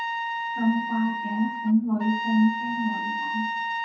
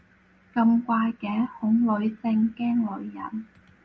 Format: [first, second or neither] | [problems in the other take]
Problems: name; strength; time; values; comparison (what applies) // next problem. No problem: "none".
second | background sound (Trumpet); 4 dB below the speech // room echo; dies away in 0.6 s